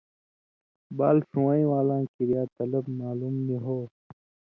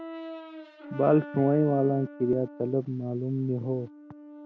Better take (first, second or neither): first